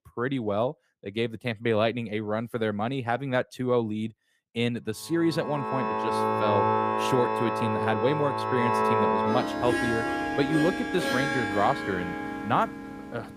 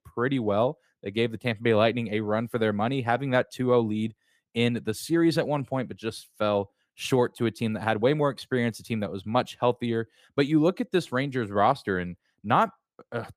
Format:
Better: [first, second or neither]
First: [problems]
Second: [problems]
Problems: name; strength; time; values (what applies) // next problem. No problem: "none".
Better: second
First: background music; very loud; from 5.5 s on; 1 dB above the speech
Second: none